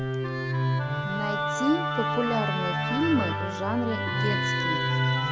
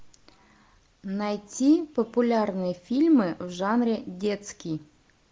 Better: second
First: background sound (Musical instrument); 4 dB above the speech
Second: none

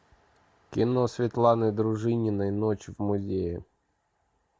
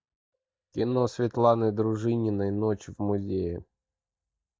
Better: first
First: none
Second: noise reduction (neural mask model DeepFilterNet 3)

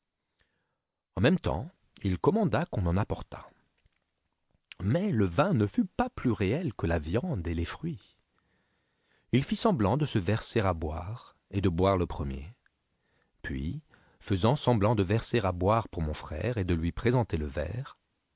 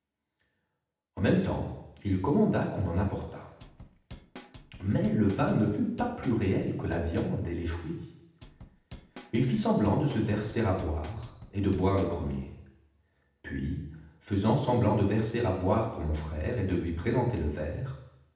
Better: first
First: none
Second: background sound (Drum / Drum kit); 19 dB below the speech // room echo; dies away in 0.8 s

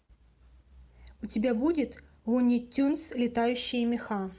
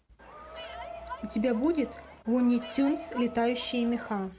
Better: first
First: none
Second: background sound (Crowd); 14 dB below the speech

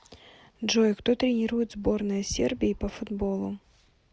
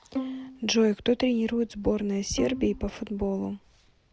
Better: first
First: none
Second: background sound (Bowed string instrument); 11 dB below the speech

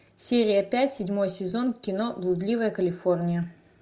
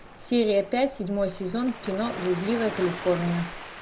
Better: first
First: none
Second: background sound (Waves, surf); 12 dB below the speech

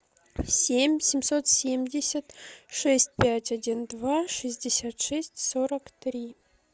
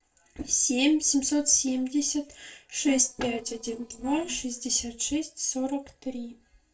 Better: first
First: none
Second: noise reduction (neural separator model SepFormer DNS4)

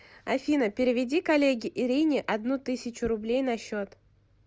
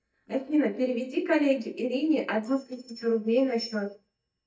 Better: first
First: none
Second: noise reduction (neural mask model DeepFilterNet 3)

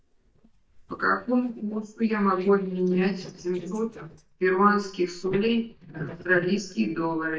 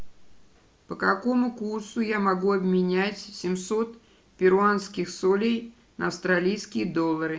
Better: second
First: noise reduction (neural mask model DeepFilterNet 3)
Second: none

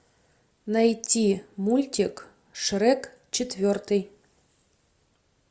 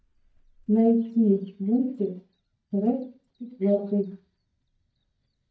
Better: first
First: none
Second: noise reduction (neural mask model DeepFilterNet 3)

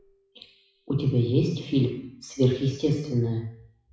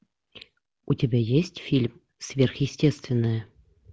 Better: second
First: noise reduction (classical method WPE with log-MMSE)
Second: none

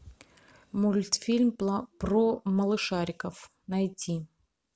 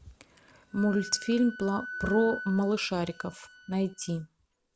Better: first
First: none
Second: background sound (Wind instrument, woodwind instrument); 13 dB below the speech

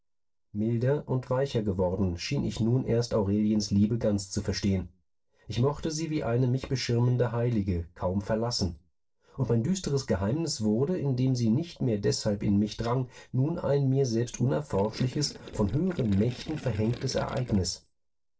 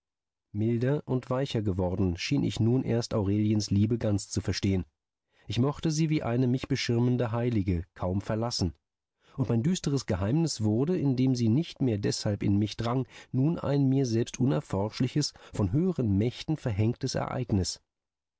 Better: second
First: noise reduction (neural separator model SepFormer DNS4)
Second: none

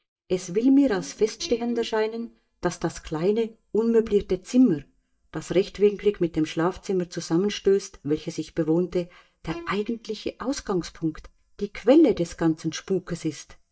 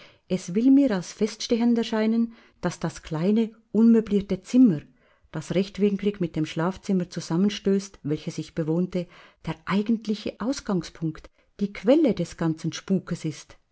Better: second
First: noise reduction (neural mask model DeepFilterNet 3)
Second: none

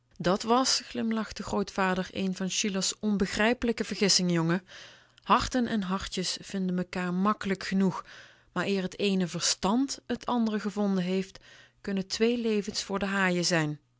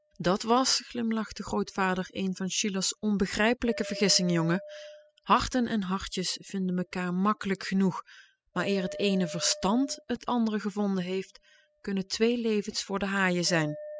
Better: first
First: none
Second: noise reduction (classical method spectral subtraction)

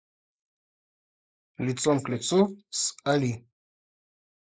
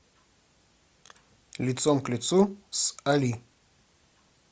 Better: second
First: noise reduction (neural mask model Resemble Enhance denoiser)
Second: none

